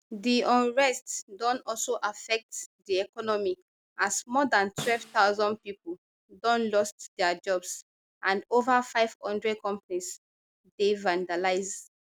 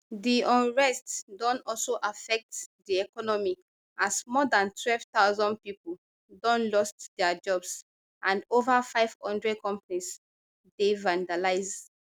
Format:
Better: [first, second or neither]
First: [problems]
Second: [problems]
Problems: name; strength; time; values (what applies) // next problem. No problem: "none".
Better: second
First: background sound (Snare drum); 17 dB below the speech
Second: none